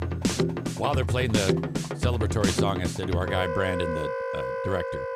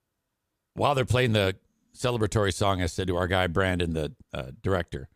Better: second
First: background music; very loud; throughout; 1 dB above the speech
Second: none

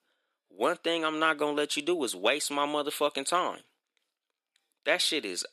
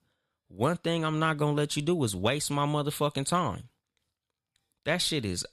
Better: second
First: thin; somewhat; fading below 300 Hz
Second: none

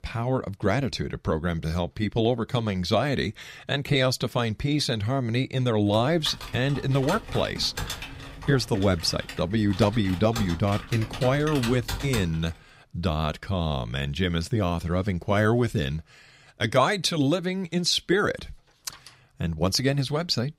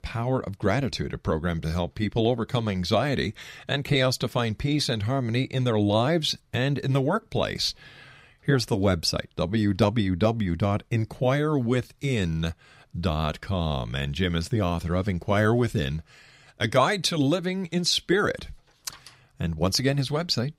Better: second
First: keyboard typing; noticeable; from 6 to 12 s; peak 6 dB below the speech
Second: none

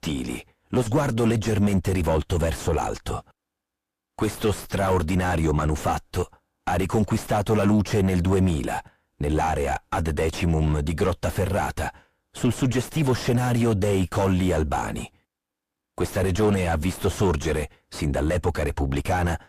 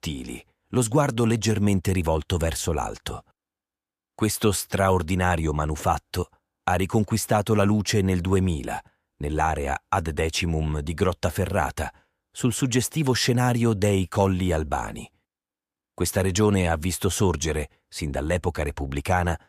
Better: second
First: distortion; heavy; 3 dB below the speech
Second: none

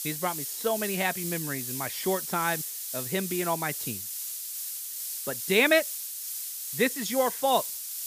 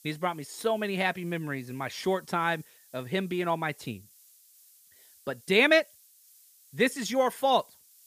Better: second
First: hiss; loud; throughout; 4 dB below the speech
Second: hiss; faint; throughout; 25 dB below the speech

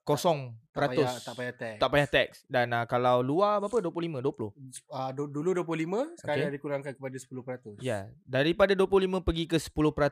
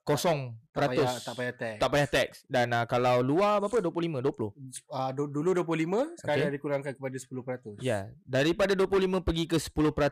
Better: first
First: none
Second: distortion; slight; 7% of the sound clipped

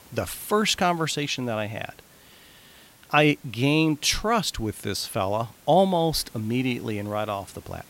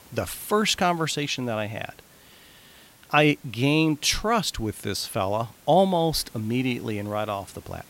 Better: neither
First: hiss; faint; throughout; 25 dB below the speech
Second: hiss; faint; throughout; 25 dB below the speech

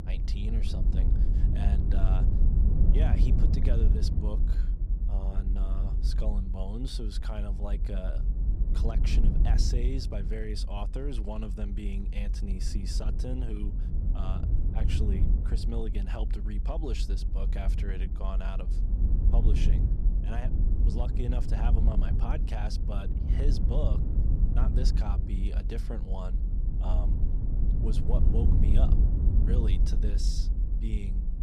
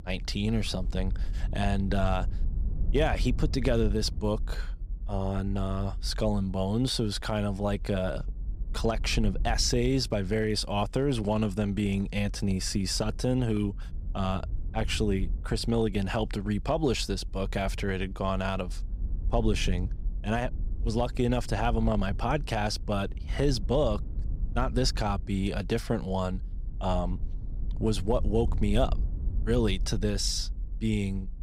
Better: second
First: low rumble; loud; throughout; 3 dB below the speech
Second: low rumble; faint; throughout; 20 dB below the speech

